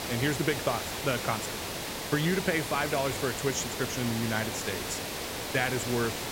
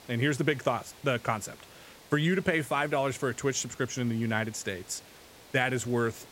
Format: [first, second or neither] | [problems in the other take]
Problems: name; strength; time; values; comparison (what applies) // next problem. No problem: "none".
second | hiss; loud; throughout; 3 dB below the speech; faint in the second